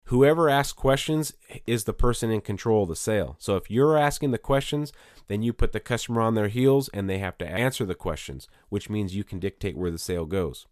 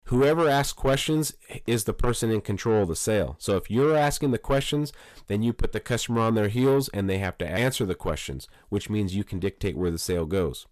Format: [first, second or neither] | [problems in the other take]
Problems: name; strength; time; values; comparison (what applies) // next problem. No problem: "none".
first | distortion; slight; 10 dB below the speech